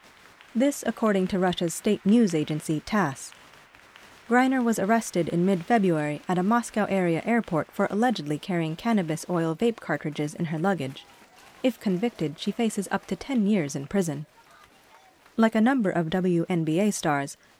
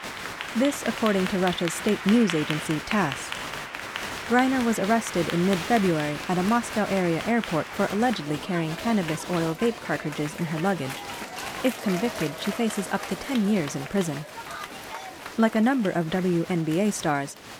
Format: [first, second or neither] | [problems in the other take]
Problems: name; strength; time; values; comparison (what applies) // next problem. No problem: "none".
first | crowd noise; loud; throughout; 8 dB below the speech; faint in the first